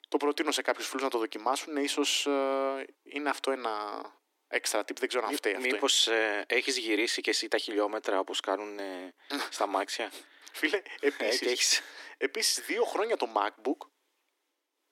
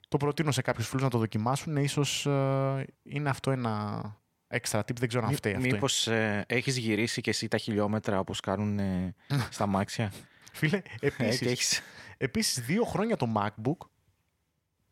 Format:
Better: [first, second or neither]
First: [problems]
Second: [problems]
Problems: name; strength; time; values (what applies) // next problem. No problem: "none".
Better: second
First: thin; somewhat; fading below 300 Hz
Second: none